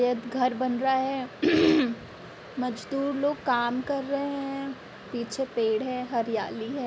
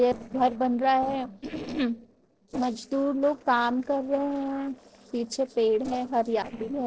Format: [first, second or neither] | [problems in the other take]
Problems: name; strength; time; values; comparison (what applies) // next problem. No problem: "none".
first | noise reduction (neural separator model SepFormer DNS4)